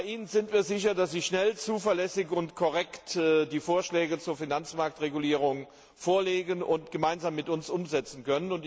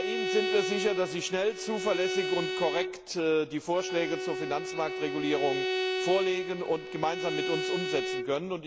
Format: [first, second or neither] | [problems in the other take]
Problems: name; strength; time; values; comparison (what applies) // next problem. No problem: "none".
first | background sound (Bowed string instrument); 2 dB below the speech